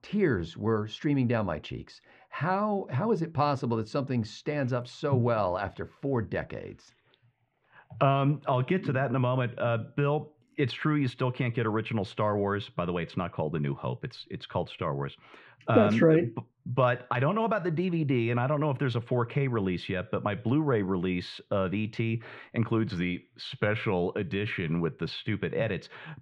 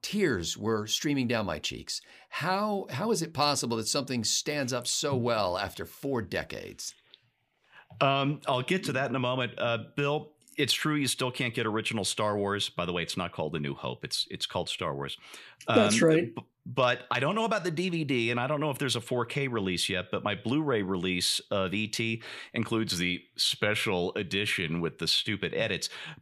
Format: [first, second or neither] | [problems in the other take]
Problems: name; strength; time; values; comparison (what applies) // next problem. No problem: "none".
second | muffled; very; fading above 1.5 kHz